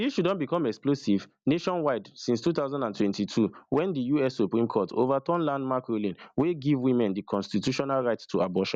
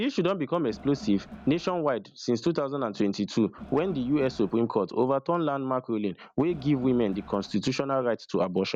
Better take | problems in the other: first | background sound (Crowd); 17 dB below the speech

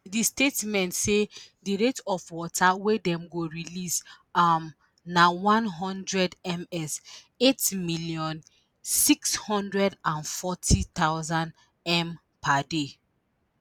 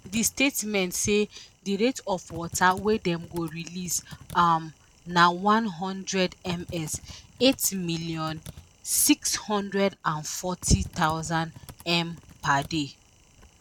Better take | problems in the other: first | background sound (Typing); 20 dB below the speech

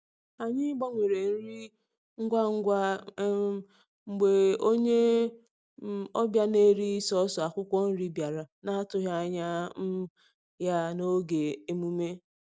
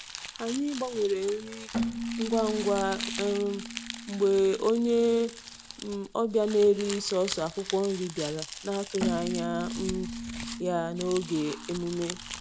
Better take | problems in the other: first | background sound (Keyboard (musical) + Crumpling, crinkling); 8 dB below the speech

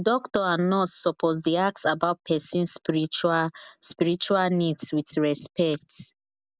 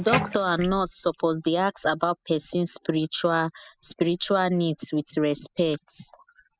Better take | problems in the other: first | noise reduction (classical method spectral subtraction)

